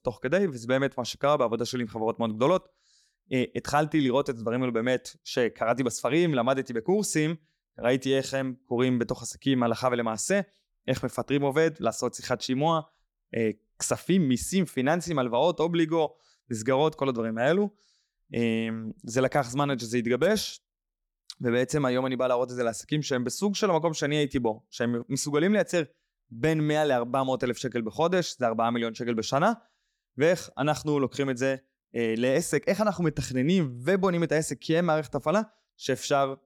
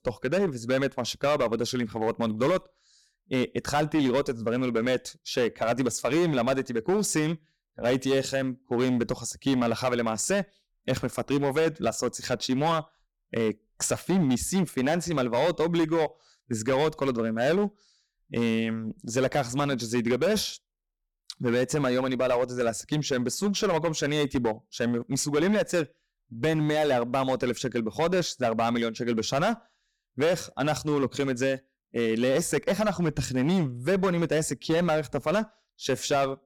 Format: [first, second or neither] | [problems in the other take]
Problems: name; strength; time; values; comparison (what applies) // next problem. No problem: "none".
first | distortion; slight; 10% of the sound clipped